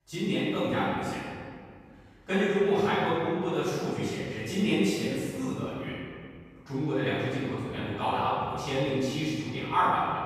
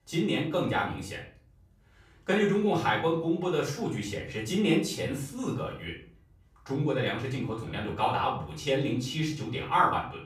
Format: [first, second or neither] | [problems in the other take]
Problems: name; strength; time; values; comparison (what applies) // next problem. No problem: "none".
second | room echo; strong; dies away in 1.9 s; slight in the second // off-mic speech; far; far in the second